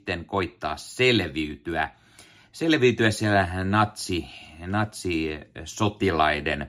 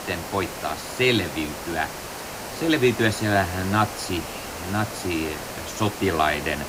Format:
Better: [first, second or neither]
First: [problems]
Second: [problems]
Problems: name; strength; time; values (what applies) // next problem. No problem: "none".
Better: first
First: none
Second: hiss; loud; throughout; 9 dB below the speech